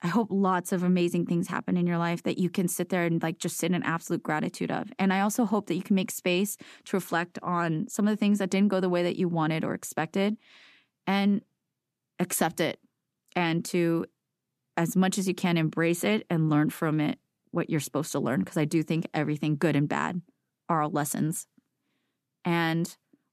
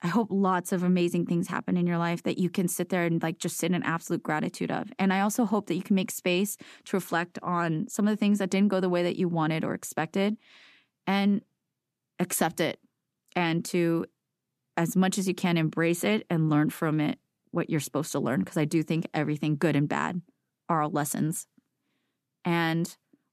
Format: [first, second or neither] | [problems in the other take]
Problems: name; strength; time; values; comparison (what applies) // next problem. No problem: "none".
neither | none